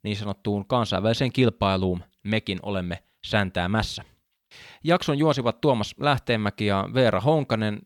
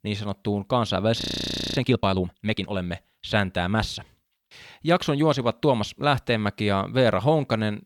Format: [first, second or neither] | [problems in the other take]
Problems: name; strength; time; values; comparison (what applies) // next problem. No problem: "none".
first | audio freezing; at 1 s for 0.5 s